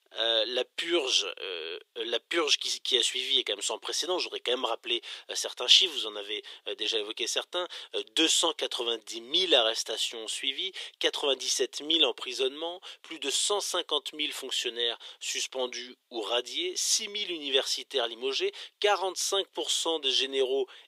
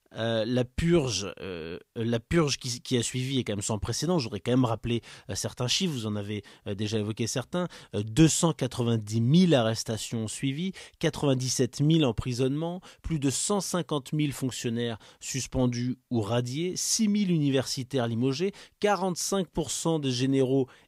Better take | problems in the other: second | thin; very; fading below 350 Hz

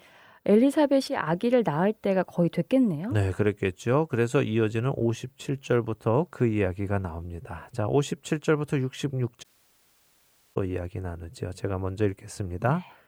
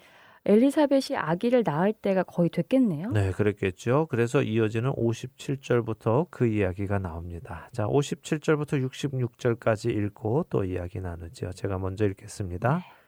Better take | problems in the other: second | audio cutting out; at 9.5 s for 1 s

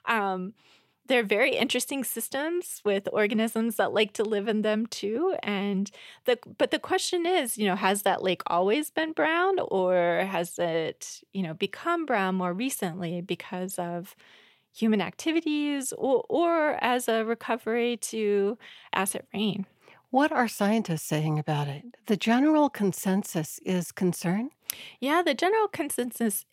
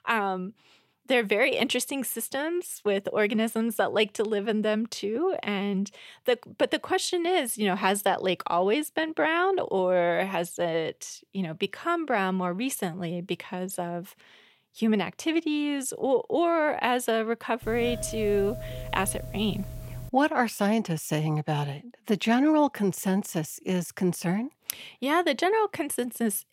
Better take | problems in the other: first | doorbell; noticeable; from 18 to 20 s; peak 9 dB below the speech

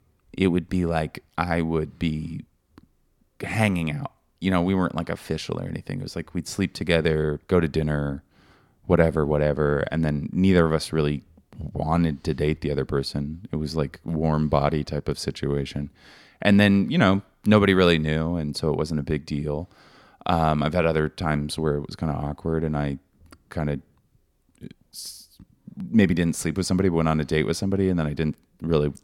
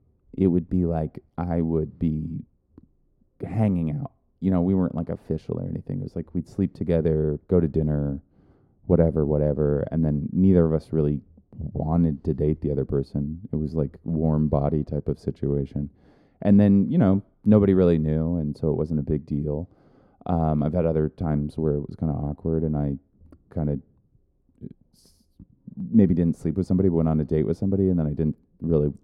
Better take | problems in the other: first | muffled; very; fading above 1 kHz

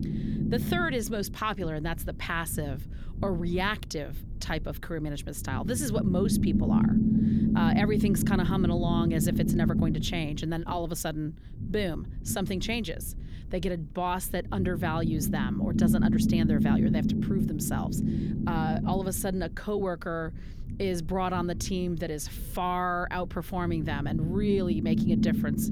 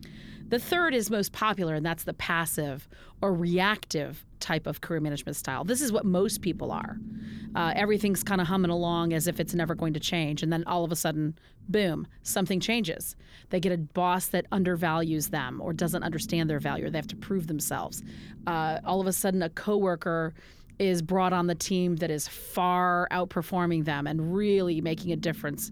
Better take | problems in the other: second | low rumble; loud; throughout; 2 dB below the speech; faint in the second

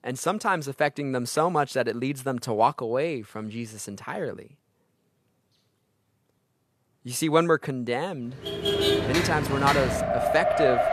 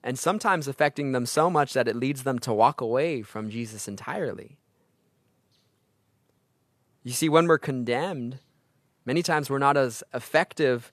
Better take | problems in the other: second | traffic noise; very loud; from 8.5 s on; 1 dB above the speech

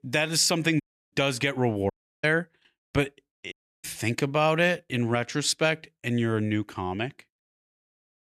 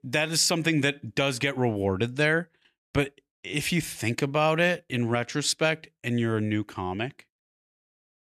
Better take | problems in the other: second | audio cutting out; at 1 s, at 2 s and at 3.5 s

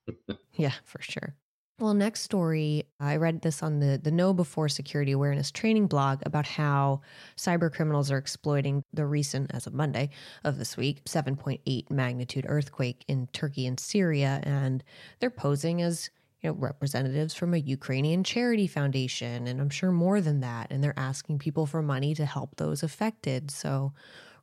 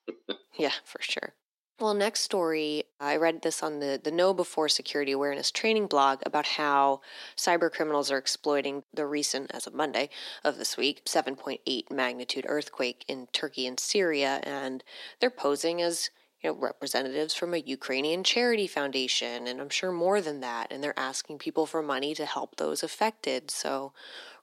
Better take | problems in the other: first | thin; very; fading below 300 Hz

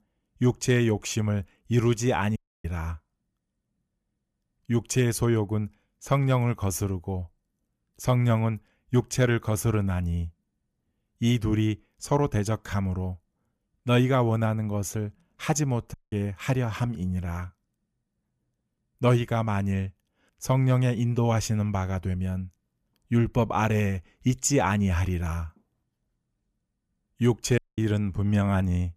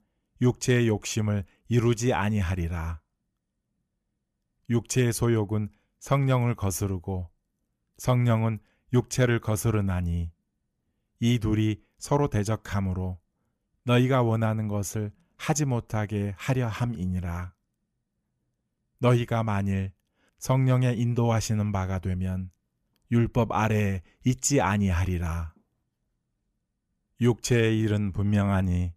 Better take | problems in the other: second | audio cutting out; at 2.5 s, at 16 s and at 28 s

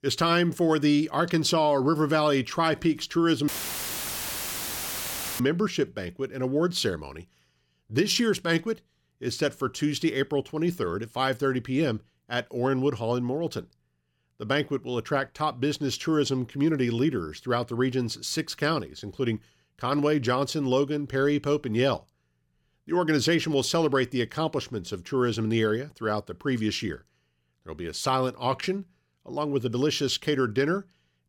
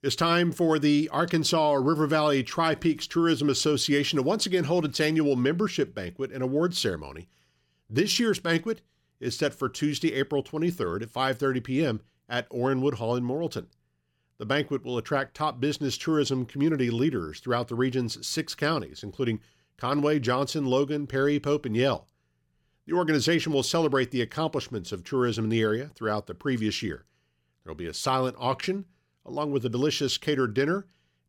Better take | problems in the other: second | audio cutting out; filled with static; at 3.5 s for 2 s

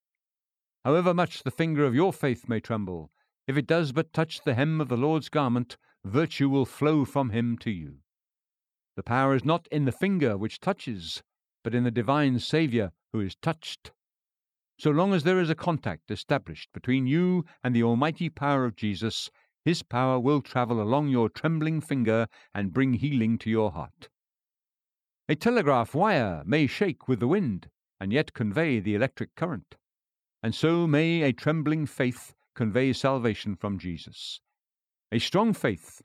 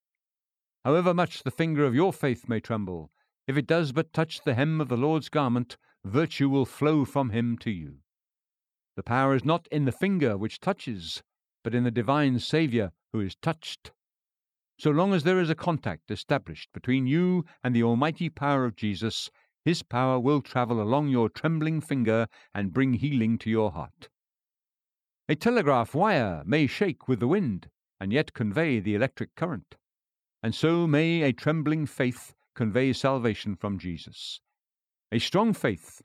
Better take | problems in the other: neither | none

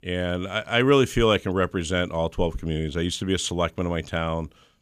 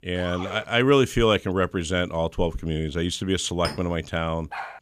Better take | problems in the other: first | siren; faint; at the start; peak 15 dB below the speech // clattering dishes; noticeable; at 3.5 s; peak 10 dB below the speech // dog barking; faint; at 4.5 s; peak 10 dB below the speech

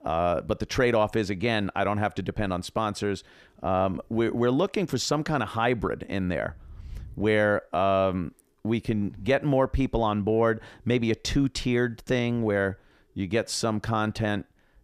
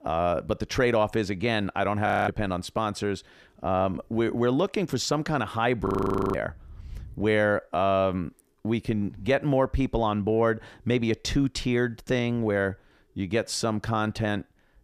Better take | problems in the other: first | audio freezing; at 2 s and at 6 s

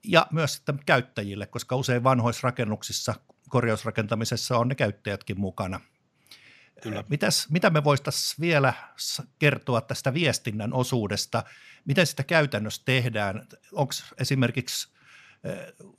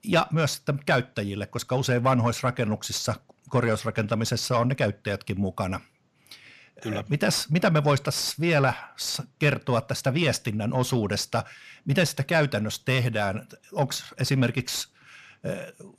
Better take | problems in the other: first | distortion; slight; 10 dB below the speech

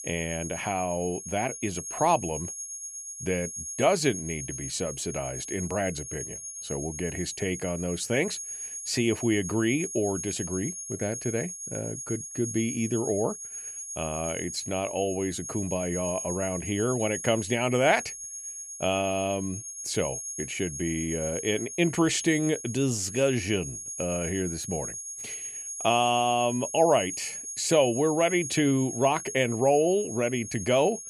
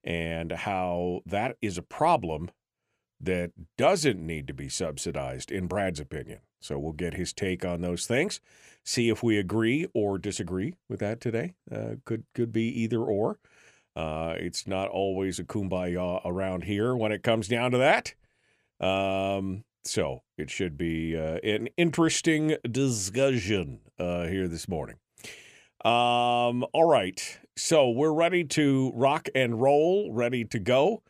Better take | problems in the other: second | high-pitched whine; loud; throughout; 6.5 kHz, 7 dB below the speech

